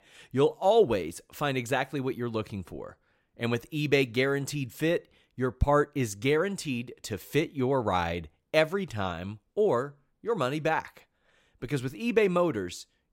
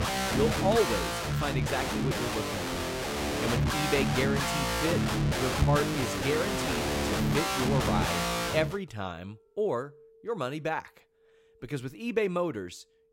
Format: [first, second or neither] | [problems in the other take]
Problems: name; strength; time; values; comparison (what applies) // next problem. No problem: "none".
first | background music; very loud; throughout; 3 dB above the speech